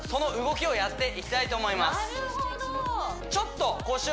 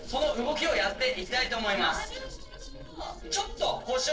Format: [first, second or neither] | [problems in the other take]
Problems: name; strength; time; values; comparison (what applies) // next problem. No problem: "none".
first | noise reduction (neural separator model SepFormer DNS4)